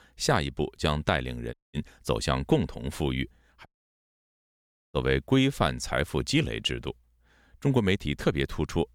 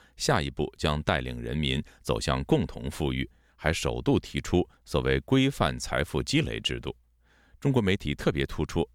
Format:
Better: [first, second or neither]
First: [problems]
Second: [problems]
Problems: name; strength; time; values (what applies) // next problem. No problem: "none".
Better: second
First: audio cutting out; at 1.5 s and at 3.5 s for 1.5 s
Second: none